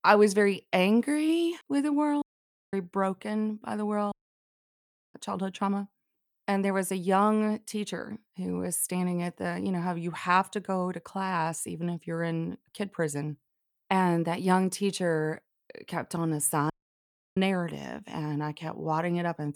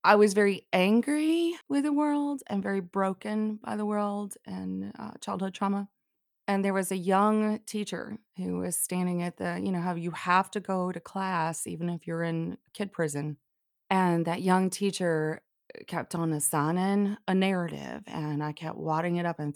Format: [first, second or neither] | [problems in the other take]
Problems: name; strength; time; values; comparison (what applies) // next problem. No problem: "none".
second | audio cutting out; at 2 s for 0.5 s, at 4 s for 1 s and at 17 s for 0.5 s